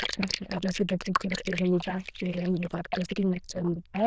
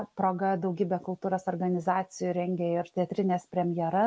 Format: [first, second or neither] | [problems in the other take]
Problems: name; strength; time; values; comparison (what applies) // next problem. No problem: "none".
second | noise reduction (neural diffusion model UNIVERSE++)